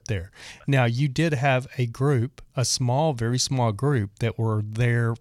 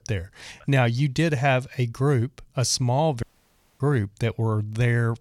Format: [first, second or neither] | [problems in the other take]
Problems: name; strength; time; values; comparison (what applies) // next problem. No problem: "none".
first | audio cutting out; at 3 s for 0.5 s